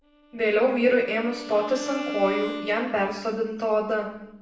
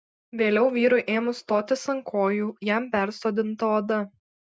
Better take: second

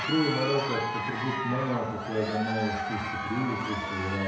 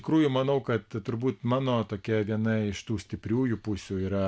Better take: second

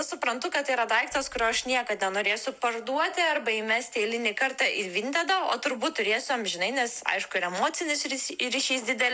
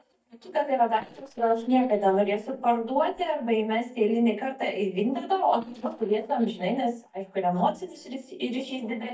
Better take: first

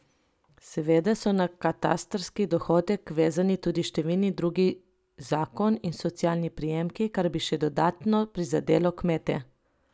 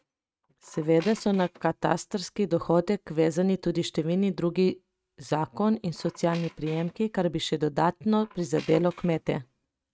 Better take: first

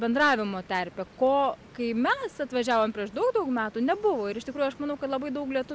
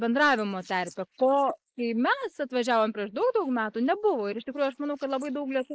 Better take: first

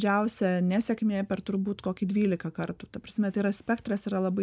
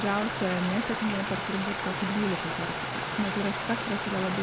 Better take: first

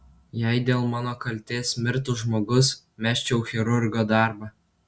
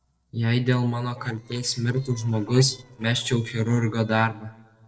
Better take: first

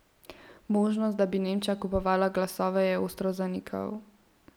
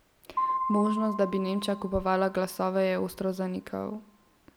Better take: first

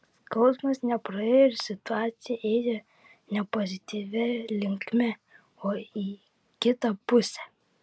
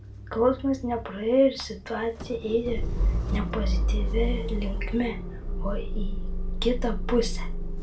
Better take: first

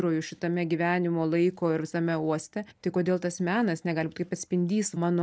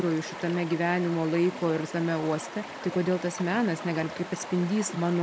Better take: first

